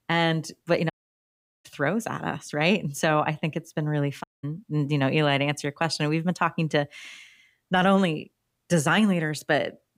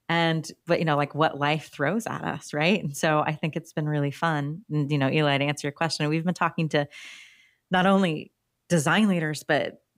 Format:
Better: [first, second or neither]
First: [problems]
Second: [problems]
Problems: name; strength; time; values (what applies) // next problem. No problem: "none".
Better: second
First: audio cutting out; at 1 s for 0.5 s and at 4 s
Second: none